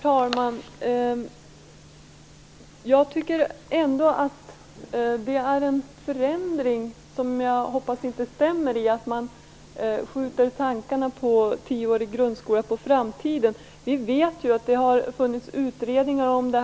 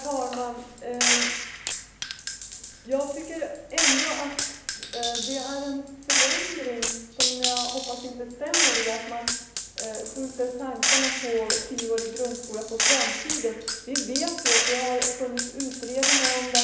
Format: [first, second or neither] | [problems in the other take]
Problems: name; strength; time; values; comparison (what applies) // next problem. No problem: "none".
first | background sound (Gunshot, gunfire); 4 dB above the speech // room echo; dies away in 0.8 s